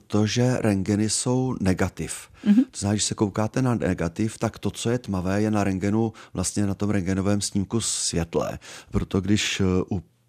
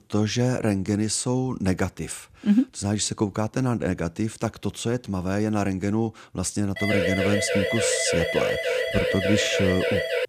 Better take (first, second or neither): first